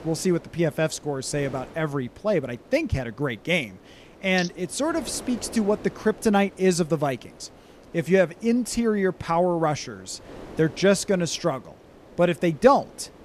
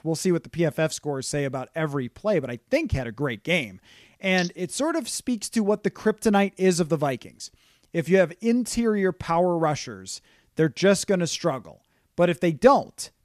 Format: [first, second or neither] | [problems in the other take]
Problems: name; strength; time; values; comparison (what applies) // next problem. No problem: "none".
second | wind noise on the microphone; occasional gusts; 20 dB below the speech